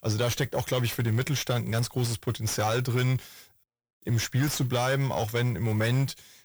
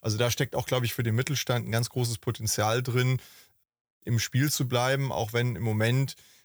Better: second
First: distortion; slight; 10 dB below the speech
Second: none

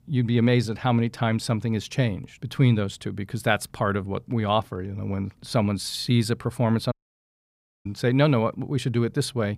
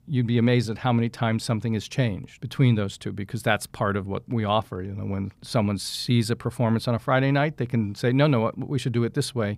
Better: second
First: audio cutting out; at 7 s for 1 s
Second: none

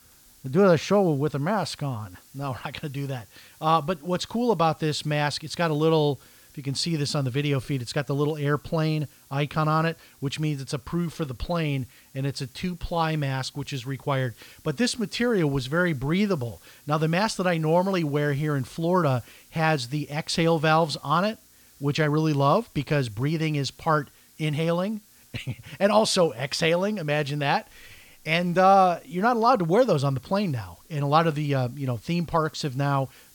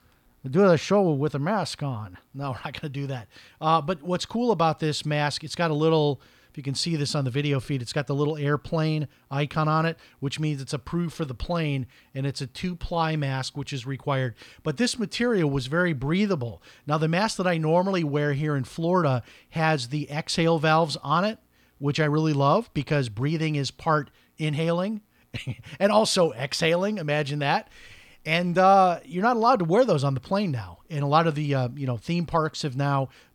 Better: second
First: hiss; faint; throughout; 25 dB below the speech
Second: none

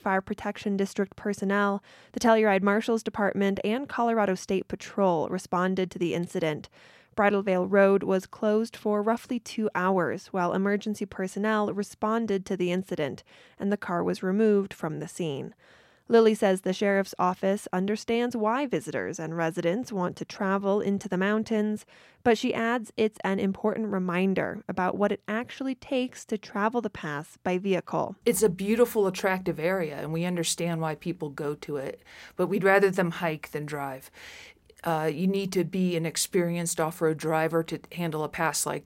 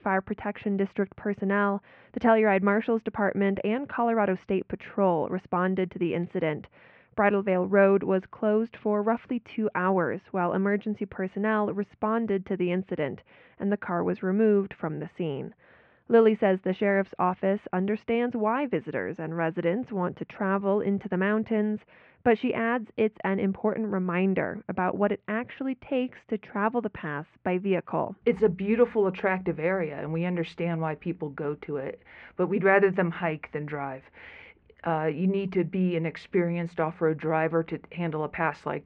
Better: first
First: none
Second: muffled; very; fading above 2.5 kHz

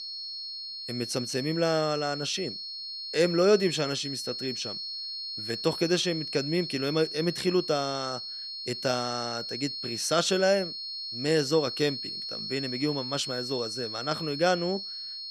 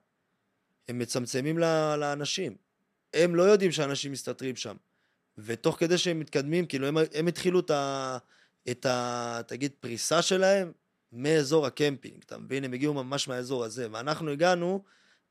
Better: second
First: high-pitched whine; loud; throughout; 4.5 kHz, 5 dB below the speech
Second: none

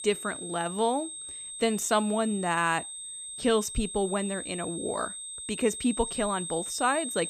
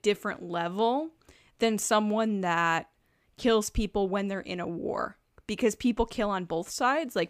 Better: second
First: high-pitched whine; loud; throughout; 8.5 kHz, 7 dB below the speech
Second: none

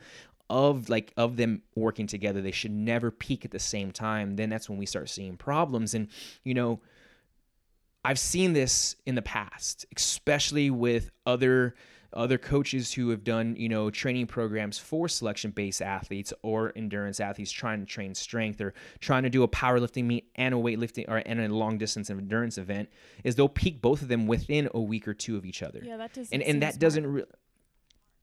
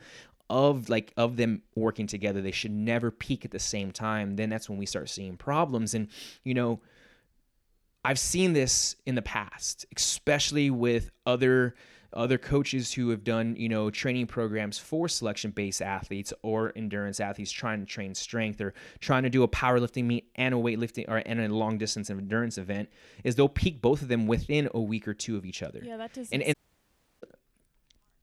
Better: first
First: none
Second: audio cutting out; at 27 s for 0.5 s

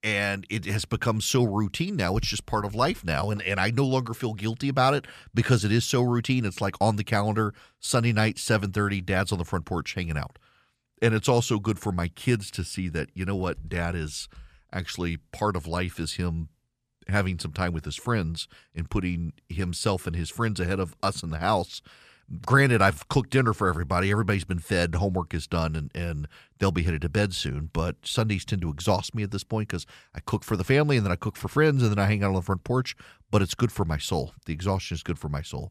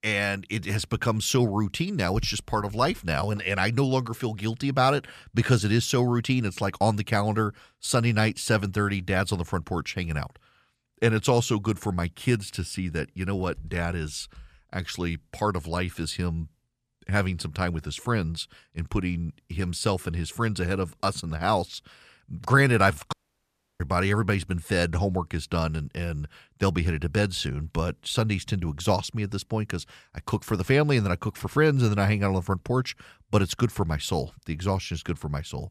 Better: first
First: none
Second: audio cutting out; at 23 s for 0.5 s

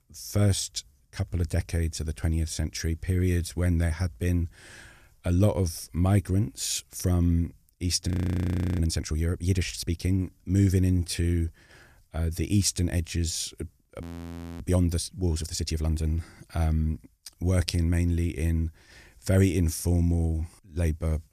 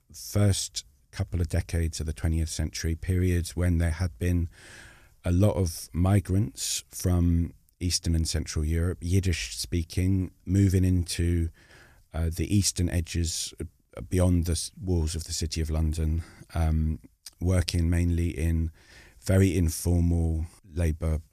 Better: second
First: audio freezing; at 8 s for 0.5 s and at 14 s for 0.5 s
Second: none

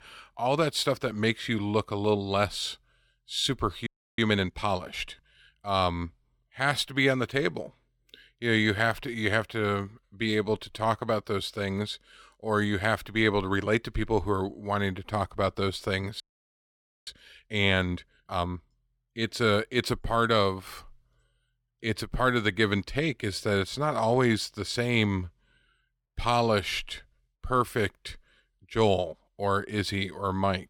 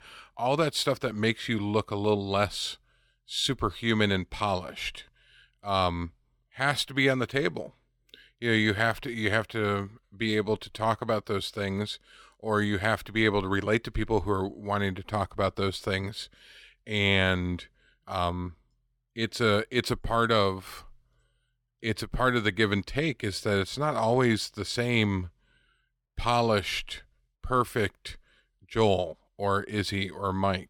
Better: second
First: audio freezing; at 4 s and at 16 s for 1 s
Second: none

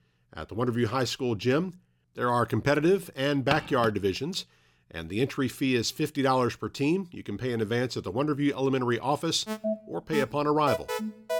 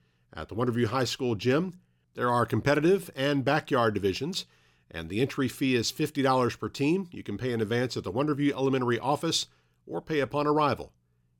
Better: second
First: footsteps; noticeable; at 3.5 s; peak 6 dB below the speech // alarm; noticeable; from 9.5 s on; peak 4 dB below the speech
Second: none

